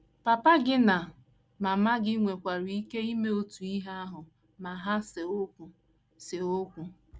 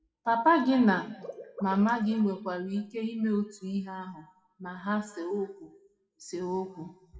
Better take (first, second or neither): first